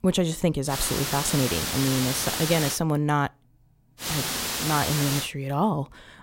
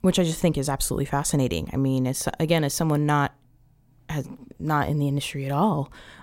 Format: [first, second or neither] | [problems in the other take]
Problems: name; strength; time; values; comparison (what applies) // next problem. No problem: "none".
second | hiss; loud; from 0.5 to 2.5 s and from 4 to 5 s; 1 dB below the speech